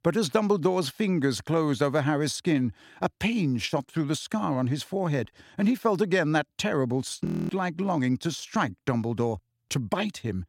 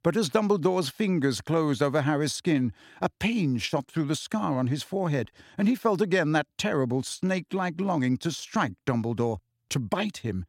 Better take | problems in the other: second | audio freezing; at 7.5 s

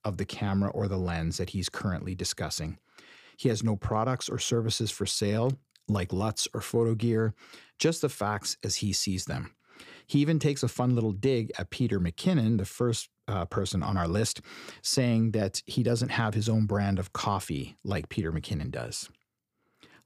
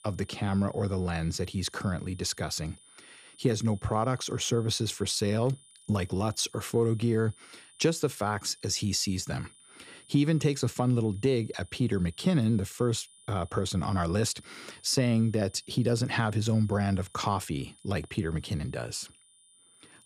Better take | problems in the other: first | high-pitched whine; faint; throughout; 9.5 kHz, 25 dB below the speech

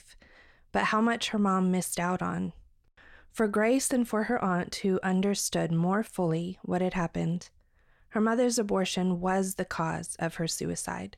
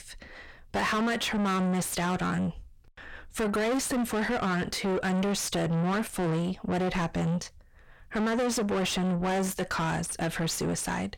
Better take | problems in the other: first | distortion; heavy; 5 dB below the speech

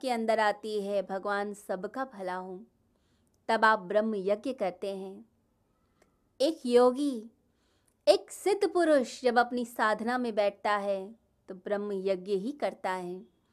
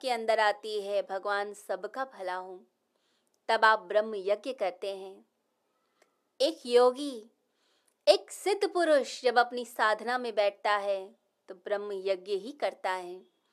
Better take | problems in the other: first | thin; somewhat; fading below 450 Hz

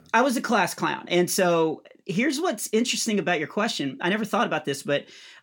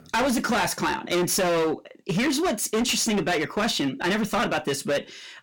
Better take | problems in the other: first | distortion; heavy; 21% of the sound clipped

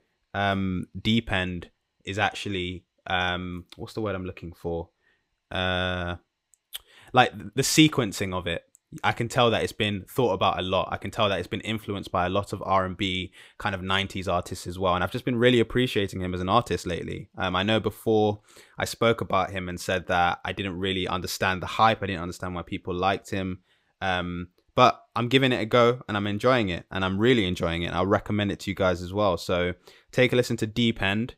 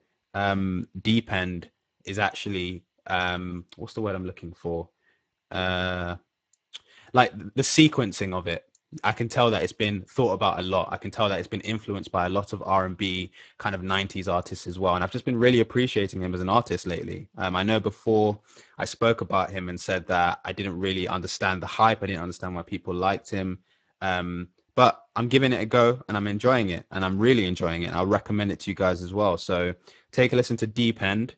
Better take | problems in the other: first | garbled, watery; badly; nothing above 8 kHz

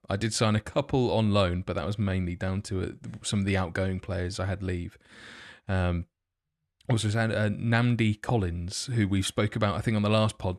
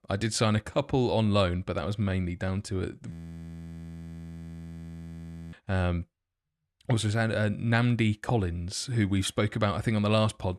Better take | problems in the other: first | audio freezing; at 3 s for 2.5 s

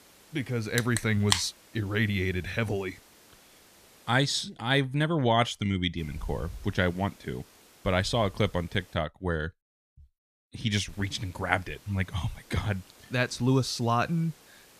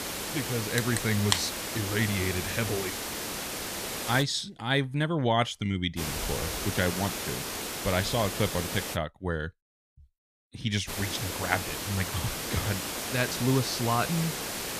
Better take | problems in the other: first | hiss; loud; until 4 s, from 6 to 9 s and from 11 s on; 3 dB below the speech; faint in the first

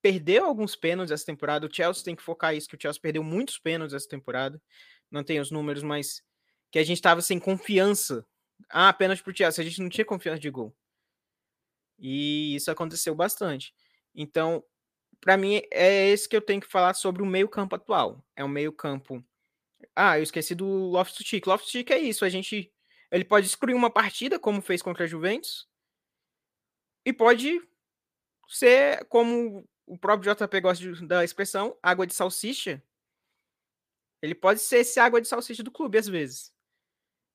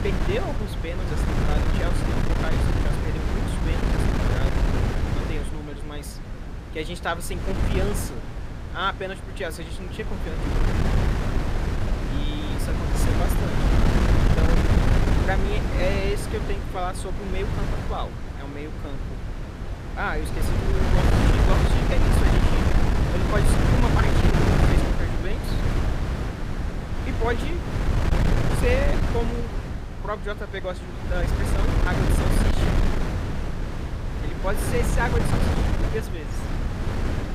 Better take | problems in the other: first | wind noise on the microphone; heavy; 1 dB above the speech

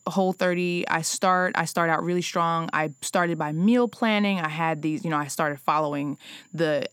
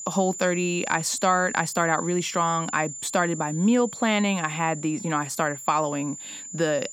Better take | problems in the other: first | high-pitched whine; loud; throughout; 7 kHz, 10 dB below the speech; faint in the first

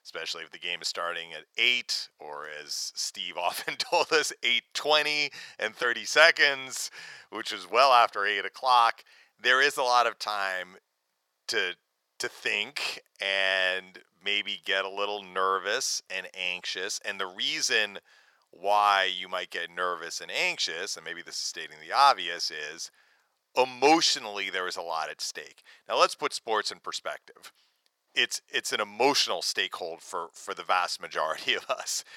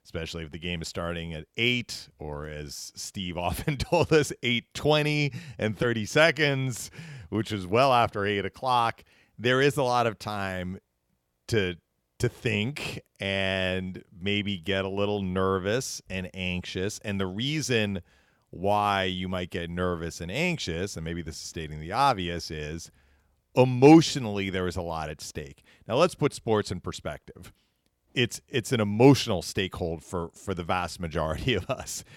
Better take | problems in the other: second | thin; very; fading below 700 Hz

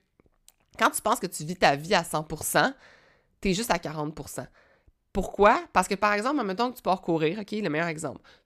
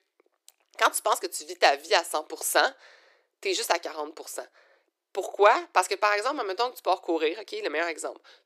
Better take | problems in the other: first | thin; very; fading below 350 Hz

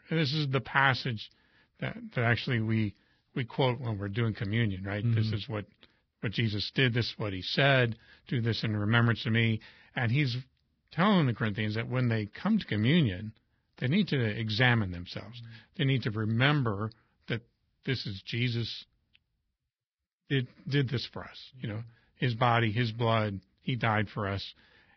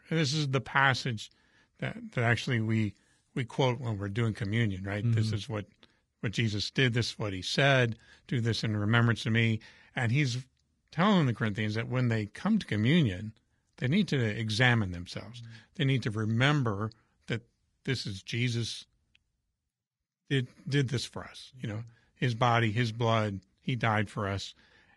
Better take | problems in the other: second | garbled, watery; badly; nothing above 5 kHz; slightly in the second

